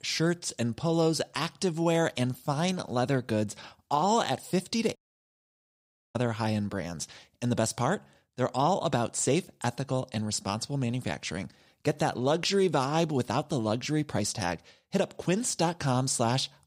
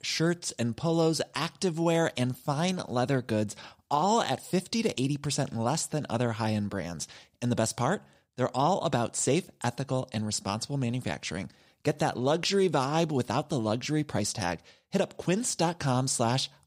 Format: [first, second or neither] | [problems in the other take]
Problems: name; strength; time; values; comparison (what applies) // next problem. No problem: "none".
second | audio cutting out; at 5 s for 1 s